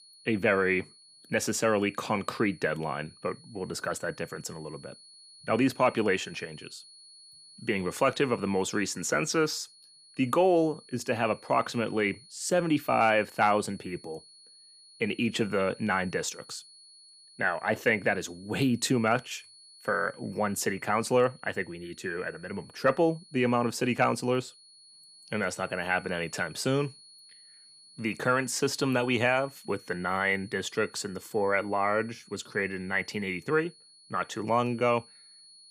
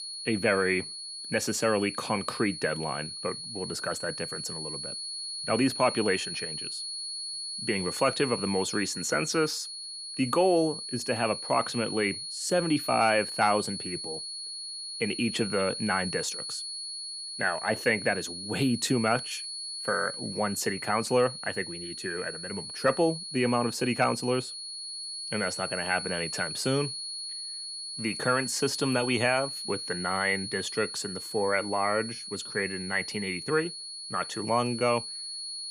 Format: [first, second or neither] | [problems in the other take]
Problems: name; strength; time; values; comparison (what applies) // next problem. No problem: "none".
first | high-pitched whine; loud; throughout; 4.5 kHz, 6 dB below the speech; faint in the first